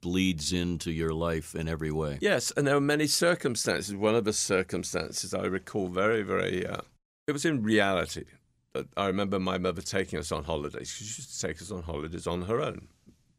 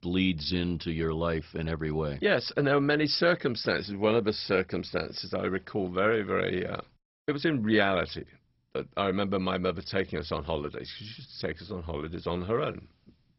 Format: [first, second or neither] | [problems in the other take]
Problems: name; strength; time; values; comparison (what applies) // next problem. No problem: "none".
first | garbled, watery; badly; nothing above 5.5 kHz